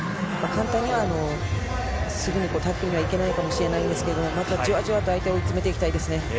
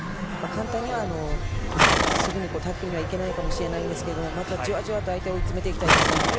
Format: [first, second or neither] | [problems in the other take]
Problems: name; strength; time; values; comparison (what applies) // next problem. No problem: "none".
first | background sound (Livestock, farm animals, working animals); 1 dB above the speech